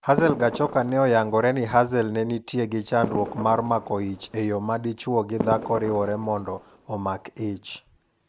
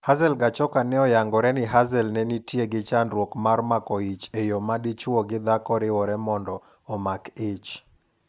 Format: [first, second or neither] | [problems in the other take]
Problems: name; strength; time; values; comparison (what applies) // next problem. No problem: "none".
second | background sound (Fireworks); 11 dB below the speech